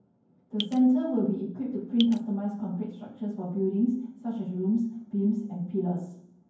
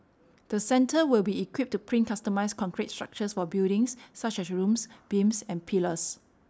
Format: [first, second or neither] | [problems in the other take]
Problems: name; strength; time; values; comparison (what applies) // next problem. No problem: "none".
second | background sound (Drip); 10 dB below the speech // room echo; dies away in 0.9 s